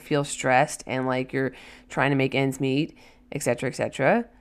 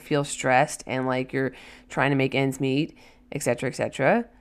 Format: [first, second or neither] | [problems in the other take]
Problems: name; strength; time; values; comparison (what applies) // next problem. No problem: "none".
neither | none